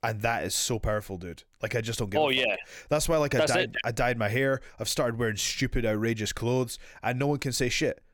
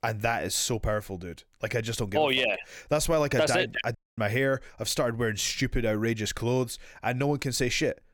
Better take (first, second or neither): first